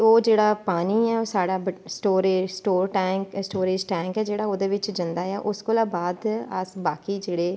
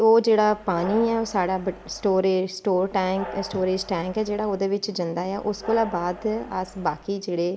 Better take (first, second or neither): first